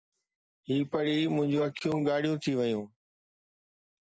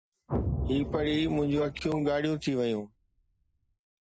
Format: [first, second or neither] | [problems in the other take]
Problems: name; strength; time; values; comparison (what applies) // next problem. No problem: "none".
first | background sound (Explosion); 7 dB below the speech